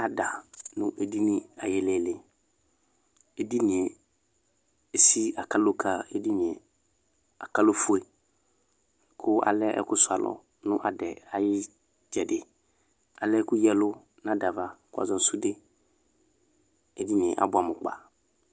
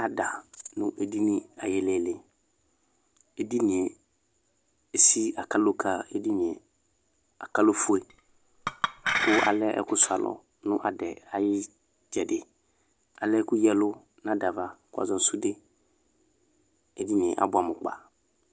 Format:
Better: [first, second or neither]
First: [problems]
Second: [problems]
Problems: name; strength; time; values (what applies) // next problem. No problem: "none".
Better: first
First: none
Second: background sound (Chink, clink); 3 dB below the speech